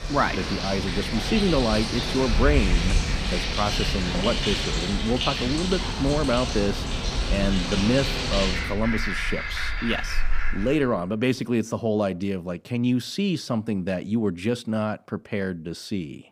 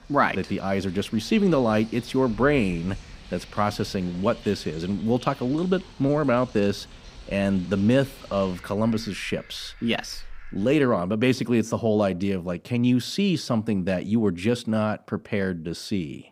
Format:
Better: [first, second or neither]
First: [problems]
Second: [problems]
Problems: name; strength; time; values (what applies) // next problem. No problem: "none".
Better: second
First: animal sounds; loud; until 11 s; 1 dB below the speech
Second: animal sounds; faint; until 11 s; 20 dB below the speech